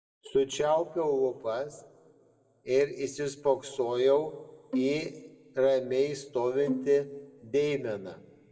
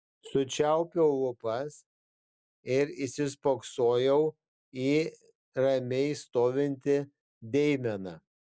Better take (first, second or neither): second